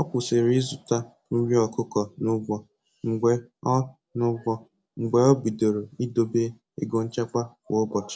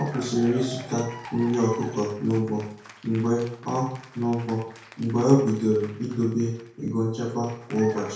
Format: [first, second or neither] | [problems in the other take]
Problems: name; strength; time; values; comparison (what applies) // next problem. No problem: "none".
first | background sound (Applause / Cheering); 18 dB below the speech // room echo; dies away in 0.5 s